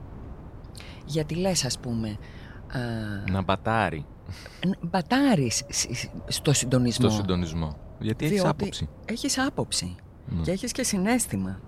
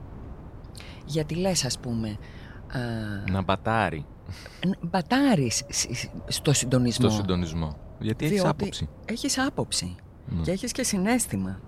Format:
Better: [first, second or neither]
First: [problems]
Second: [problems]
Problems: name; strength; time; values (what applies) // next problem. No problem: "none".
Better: neither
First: wind noise on the microphone; occasional gusts; 20 dB below the speech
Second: wind noise on the microphone; occasional gusts; 20 dB below the speech